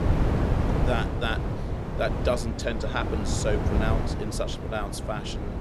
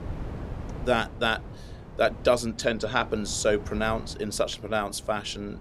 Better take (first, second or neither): second